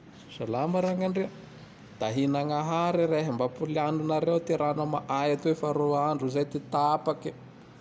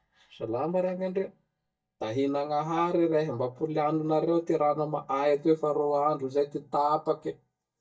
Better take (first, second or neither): first